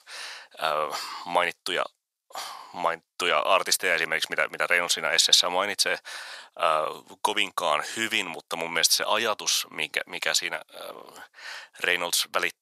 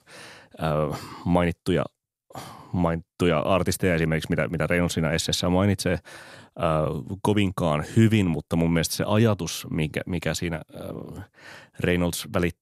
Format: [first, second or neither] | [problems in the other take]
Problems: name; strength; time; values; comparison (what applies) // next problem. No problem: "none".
second | thin; very; fading below 900 Hz